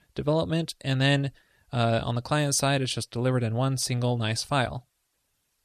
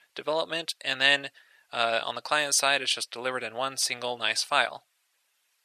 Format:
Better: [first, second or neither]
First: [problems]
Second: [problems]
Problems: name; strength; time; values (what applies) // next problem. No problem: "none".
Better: first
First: none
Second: thin; very; fading below 600 Hz